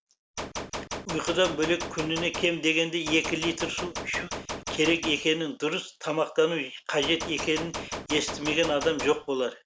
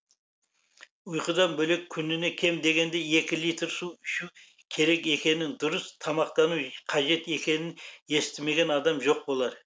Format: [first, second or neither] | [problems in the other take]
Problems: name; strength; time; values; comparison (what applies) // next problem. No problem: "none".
second | background sound (Gunshot, gunfire); 8 dB below the speech